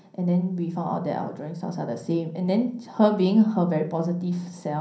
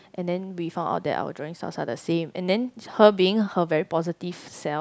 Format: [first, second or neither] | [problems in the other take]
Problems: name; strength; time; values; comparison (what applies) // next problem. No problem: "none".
second | room echo; dies away in 0.6 s